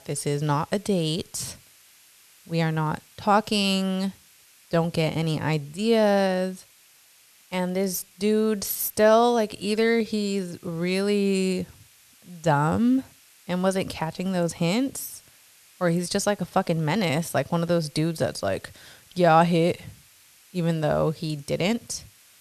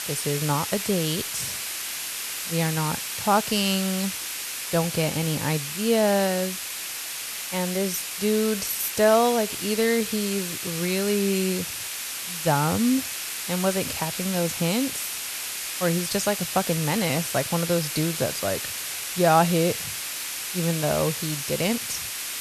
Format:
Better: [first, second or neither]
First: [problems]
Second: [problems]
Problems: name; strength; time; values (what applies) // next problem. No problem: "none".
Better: first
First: hiss; faint; throughout; 30 dB below the speech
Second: hiss; loud; throughout; 4 dB below the speech